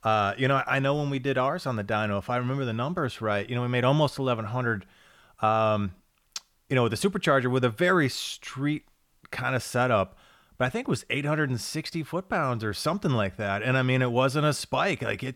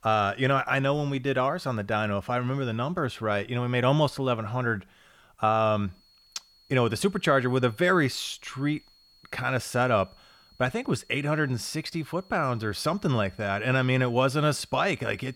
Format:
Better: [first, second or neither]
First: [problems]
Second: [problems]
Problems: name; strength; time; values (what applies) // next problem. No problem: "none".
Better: first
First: none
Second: high-pitched whine; faint; from 6 s on; 4.5 kHz, 30 dB below the speech